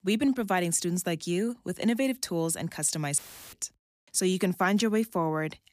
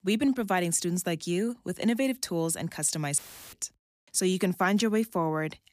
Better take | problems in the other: neither | audio cutting out; filled with static; at 3 s; the same in both

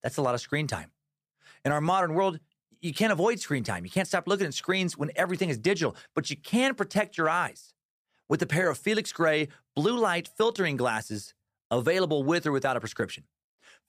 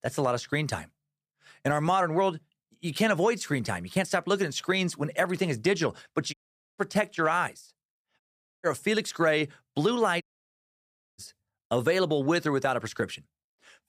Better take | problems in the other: first | audio cutting out; at 6.5 s, at 8 s and at 10 s for 1 s

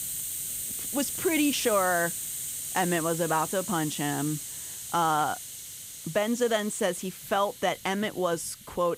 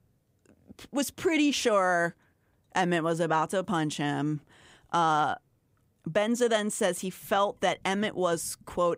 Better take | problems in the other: second | hiss; loud; throughout; 5 dB below the speech

